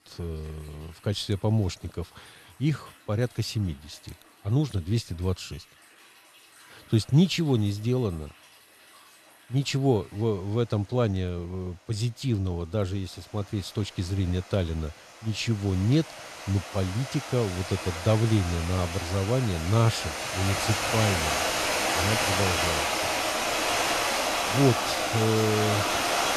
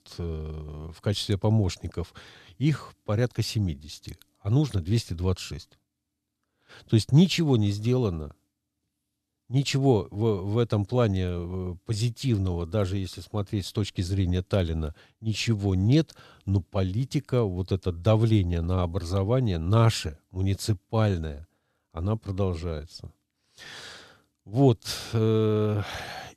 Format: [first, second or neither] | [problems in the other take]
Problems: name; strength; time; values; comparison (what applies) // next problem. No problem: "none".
second | rain or running water; very loud; throughout; as loud as the speech